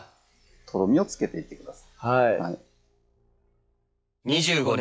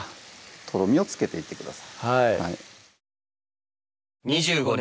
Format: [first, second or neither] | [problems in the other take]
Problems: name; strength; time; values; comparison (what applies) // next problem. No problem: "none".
second | noise reduction (classical method log-MMSE)